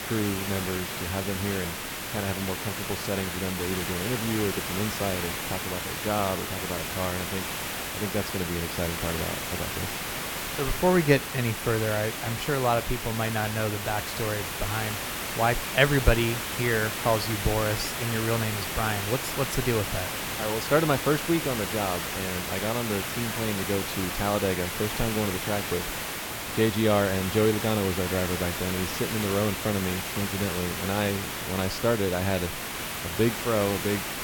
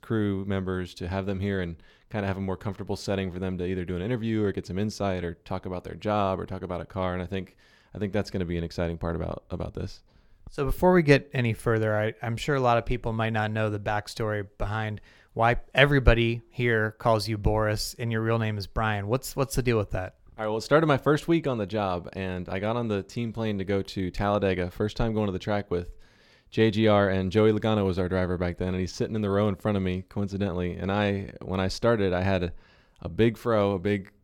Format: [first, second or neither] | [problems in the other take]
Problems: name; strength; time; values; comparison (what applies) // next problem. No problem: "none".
second | hiss; loud; throughout; 2 dB below the speech